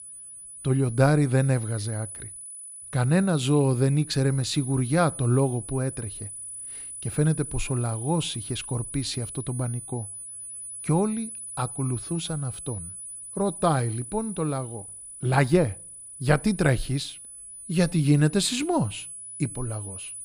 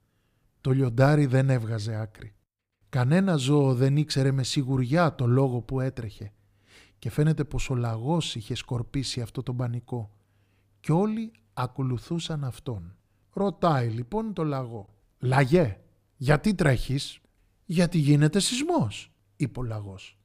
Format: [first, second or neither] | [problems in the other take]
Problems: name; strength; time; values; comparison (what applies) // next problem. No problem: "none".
second | high-pitched whine; noticeable; throughout; 10 kHz, 10 dB below the speech